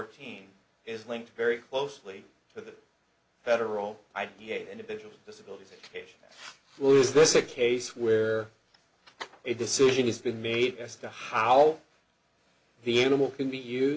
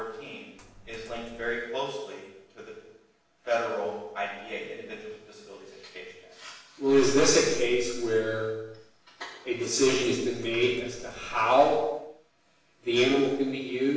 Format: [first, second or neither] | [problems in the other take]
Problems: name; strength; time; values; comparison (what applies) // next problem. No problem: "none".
first | background sound (Coin (dropping)); 19 dB below the speech // room echo; dies away in 0.9 s